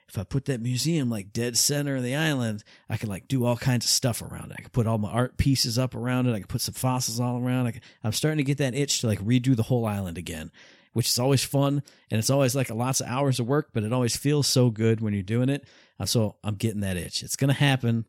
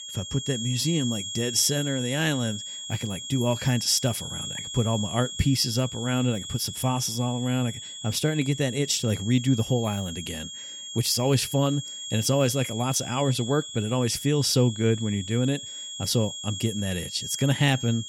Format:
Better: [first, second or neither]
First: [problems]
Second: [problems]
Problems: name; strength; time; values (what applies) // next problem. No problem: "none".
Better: first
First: none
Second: high-pitched whine; loud; throughout; 3.5 kHz, 8 dB below the speech